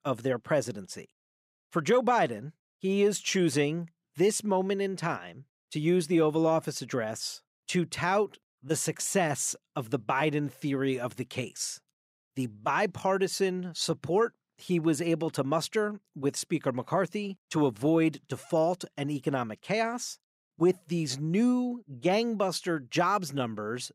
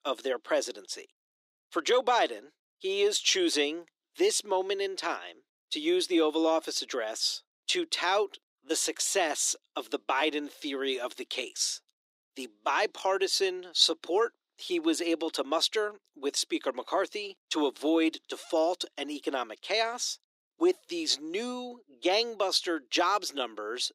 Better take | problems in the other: first | thin; somewhat; fading below 300 Hz

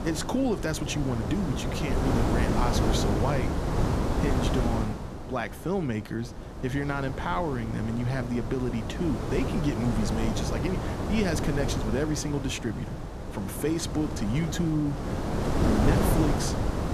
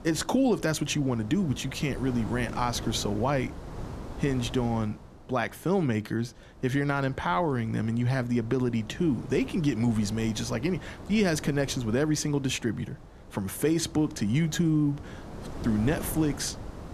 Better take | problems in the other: second | wind noise on the microphone; heavy; 1 dB below the speech; occasional gusts in the second

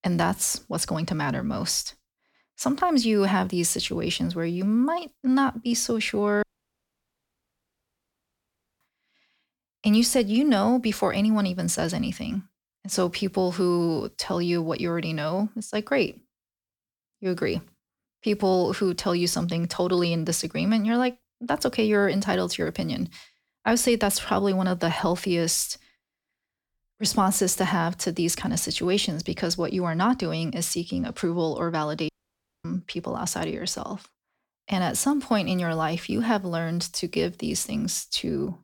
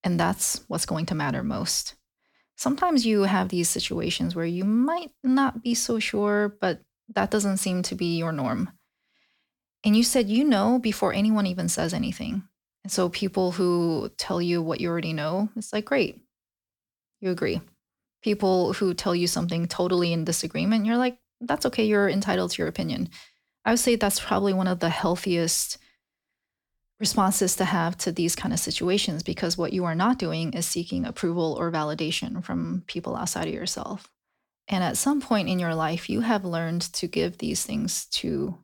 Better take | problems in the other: second | audio cutting out; at 6.5 s for 2.5 s and at 32 s for 0.5 s

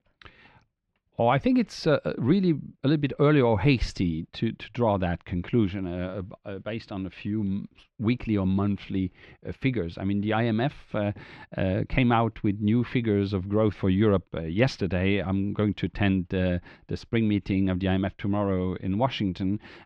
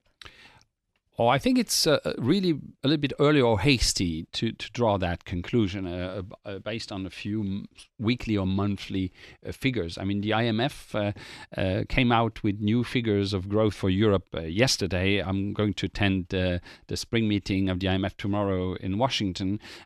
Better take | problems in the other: second | muffled; slightly; fading above 2.5 kHz

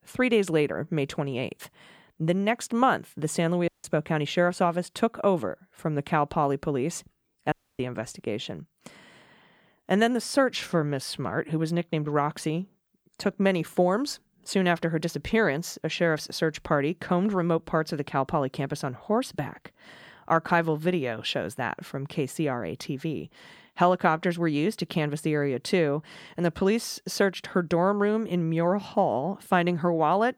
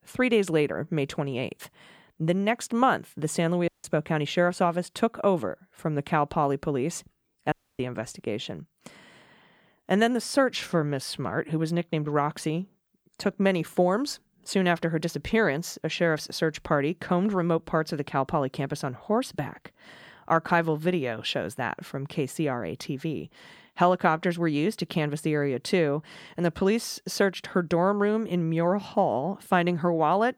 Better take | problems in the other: neither | audio cutting out; at 3.5 s and at 7.5 s; the same in both

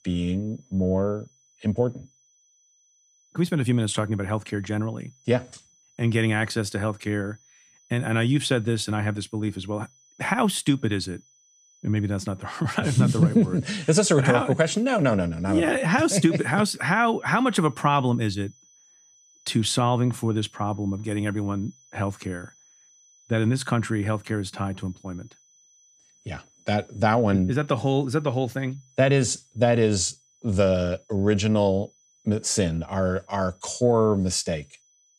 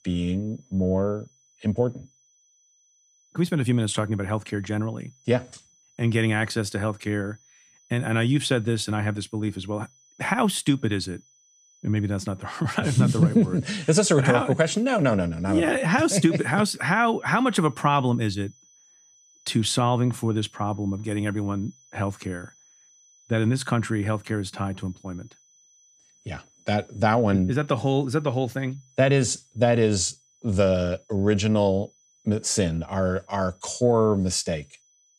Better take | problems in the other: neither | high-pitched whine; faint; throughout; 6 kHz, 30 dB below the speech; the same in both

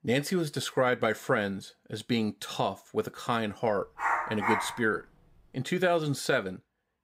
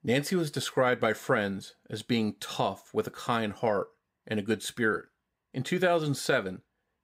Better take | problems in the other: second | dog barking; loud; at 4 s; peak level with the speech

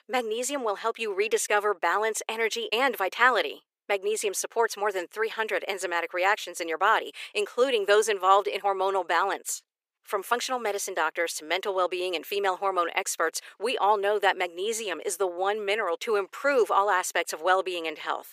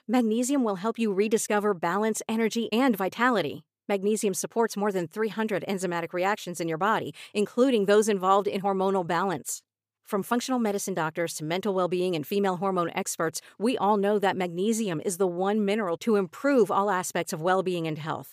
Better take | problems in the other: second | thin; very; fading below 400 Hz

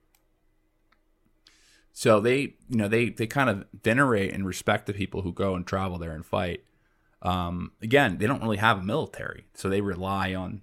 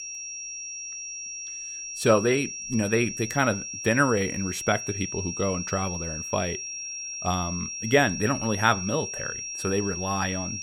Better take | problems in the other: first | high-pitched whine; loud; throughout; 5.5 kHz, 6 dB below the speech

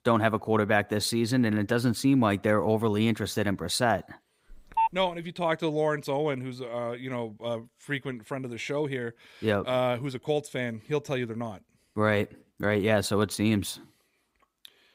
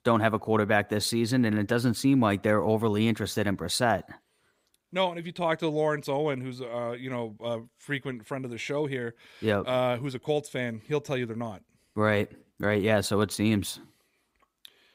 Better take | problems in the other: second | phone ringing; noticeable; at 4.5 s; peak level with the speech

